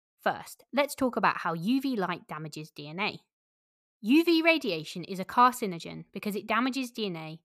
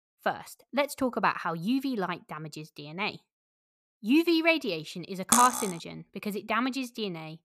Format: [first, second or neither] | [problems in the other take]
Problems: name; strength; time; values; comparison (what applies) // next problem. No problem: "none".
first | clattering dishes; loud; at 5.5 s; peak 5 dB above the speech